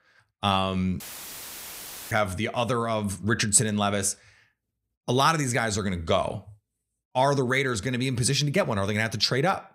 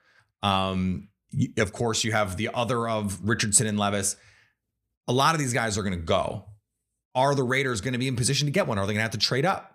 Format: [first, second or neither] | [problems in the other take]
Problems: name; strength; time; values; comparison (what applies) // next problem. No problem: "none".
second | audio cutting out; filled with static; at 1 s for 1 s